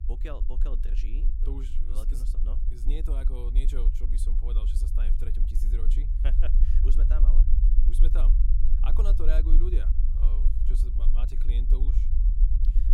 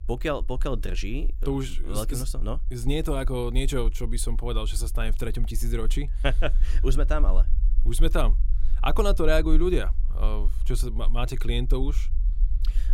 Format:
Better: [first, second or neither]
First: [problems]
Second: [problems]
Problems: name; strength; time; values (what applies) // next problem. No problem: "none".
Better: second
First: low rumble; loud; throughout; 4 dB below the speech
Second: low rumble; faint; throughout; 20 dB below the speech